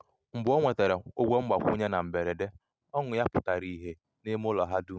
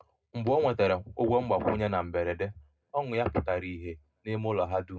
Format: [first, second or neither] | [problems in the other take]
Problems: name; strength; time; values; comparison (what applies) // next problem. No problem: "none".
first | room echo; dies away in 0.2 s